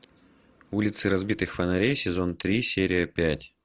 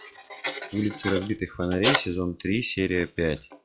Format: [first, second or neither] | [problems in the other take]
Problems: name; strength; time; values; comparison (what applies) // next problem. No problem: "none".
first | noise reduction (classical method log-MMSE)